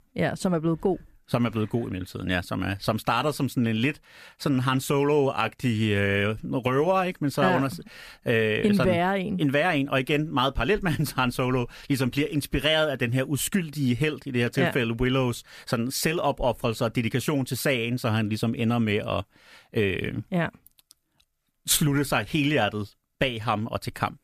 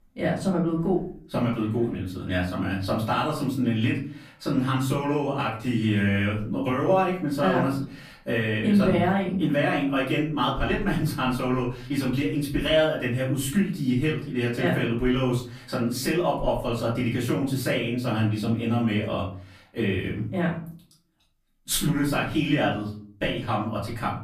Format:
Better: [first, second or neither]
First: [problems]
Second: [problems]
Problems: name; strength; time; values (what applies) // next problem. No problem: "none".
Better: first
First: none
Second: off-mic speech; far // room echo; slight; dies away in 0.5 s